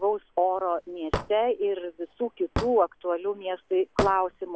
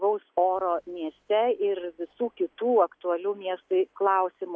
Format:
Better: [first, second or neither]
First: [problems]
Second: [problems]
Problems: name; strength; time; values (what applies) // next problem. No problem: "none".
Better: second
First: background sound (Hammer / Wood); 9 dB below the speech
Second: none